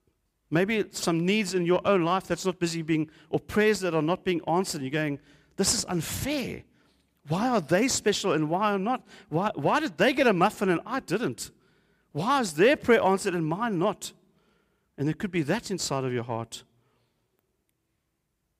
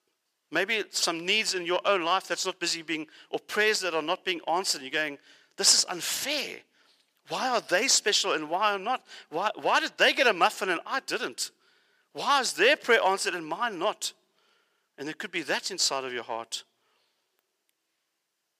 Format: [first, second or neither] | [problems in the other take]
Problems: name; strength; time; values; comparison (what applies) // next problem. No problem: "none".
first | thin; somewhat; fading below 500 Hz